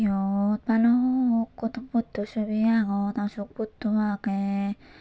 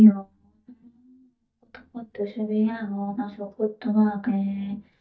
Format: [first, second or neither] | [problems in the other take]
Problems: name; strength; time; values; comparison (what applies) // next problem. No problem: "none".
first | noise reduction (neural mask model DeepFilterNet 3)